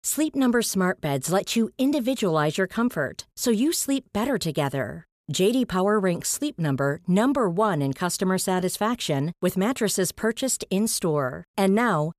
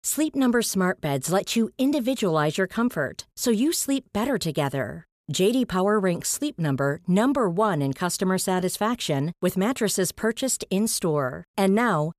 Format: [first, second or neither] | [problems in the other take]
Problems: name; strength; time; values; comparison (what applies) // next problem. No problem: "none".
neither | none